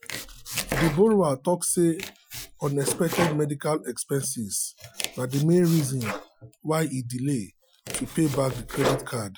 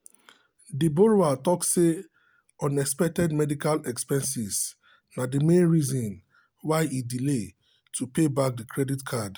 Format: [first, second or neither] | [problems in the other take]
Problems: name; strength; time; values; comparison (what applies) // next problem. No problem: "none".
second | noise reduction (classical method Wiener filter)